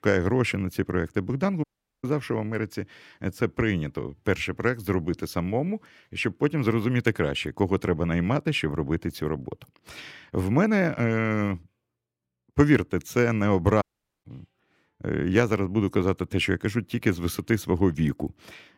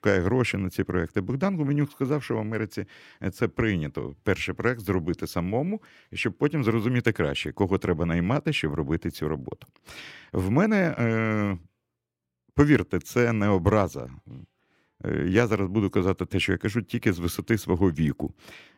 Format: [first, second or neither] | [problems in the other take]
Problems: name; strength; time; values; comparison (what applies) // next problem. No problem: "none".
second | audio cutting out; at 1.5 s and at 14 s